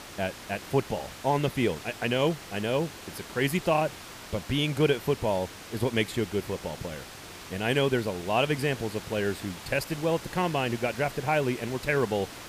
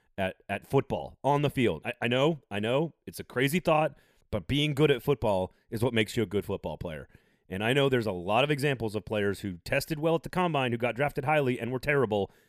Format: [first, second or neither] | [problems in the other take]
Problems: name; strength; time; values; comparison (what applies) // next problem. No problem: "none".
second | hiss; noticeable; throughout; 15 dB below the speech